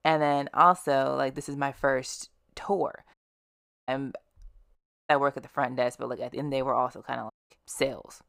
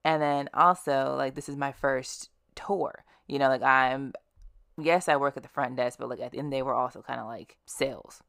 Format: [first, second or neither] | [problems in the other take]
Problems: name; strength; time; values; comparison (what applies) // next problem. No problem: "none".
second | audio cutting out; at 3 s for 0.5 s, at 5 s and at 7.5 s